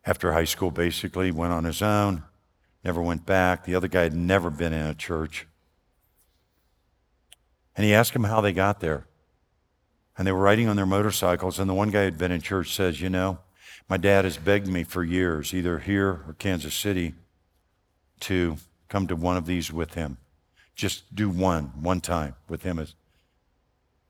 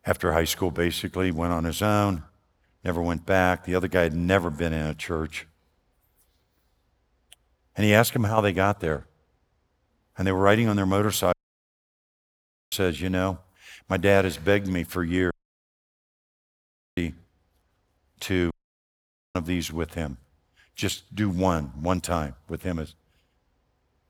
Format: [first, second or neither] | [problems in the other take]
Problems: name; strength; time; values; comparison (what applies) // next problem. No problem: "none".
first | audio cutting out; at 11 s for 1.5 s, at 15 s for 1.5 s and at 19 s for 1 s